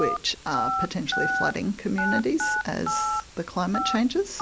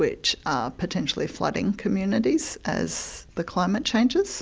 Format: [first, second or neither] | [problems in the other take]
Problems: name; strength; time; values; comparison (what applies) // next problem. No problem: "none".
second | background sound (Telephone); 1 dB below the speech